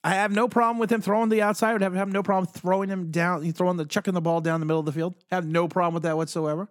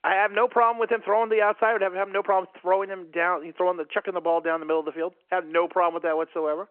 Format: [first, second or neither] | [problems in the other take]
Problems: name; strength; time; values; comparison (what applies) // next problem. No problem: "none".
first | phone-call audio